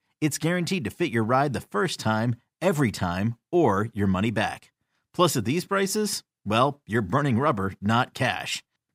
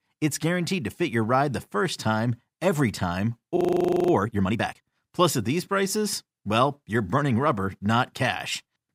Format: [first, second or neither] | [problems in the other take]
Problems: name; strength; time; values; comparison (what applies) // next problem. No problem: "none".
first | audio freezing; at 3.5 s for 0.5 s